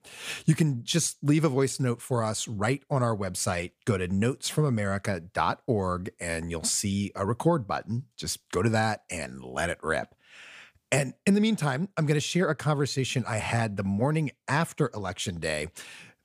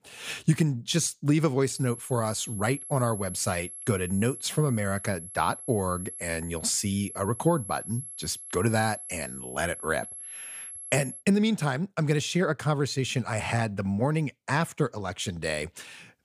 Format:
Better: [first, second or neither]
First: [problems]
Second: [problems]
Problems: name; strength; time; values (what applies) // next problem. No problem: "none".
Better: first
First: none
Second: high-pitched whine; noticeable; from 2 to 11 s; 11 kHz, 10 dB below the speech